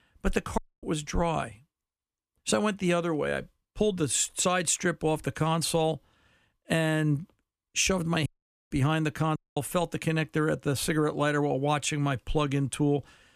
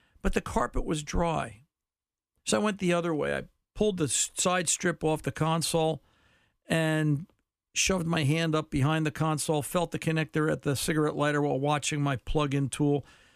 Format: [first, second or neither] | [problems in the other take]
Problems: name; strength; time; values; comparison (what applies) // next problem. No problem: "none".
second | audio cutting out; at 0.5 s, at 8.5 s and at 9.5 s